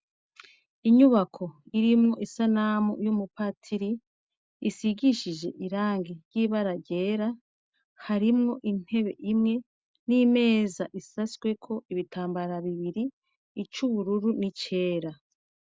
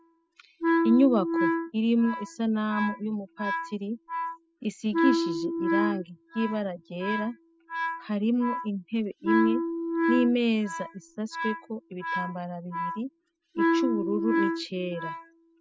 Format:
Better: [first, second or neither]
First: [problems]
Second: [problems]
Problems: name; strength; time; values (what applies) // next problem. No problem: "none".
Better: first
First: none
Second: noise reduction (classical method spectral subtraction)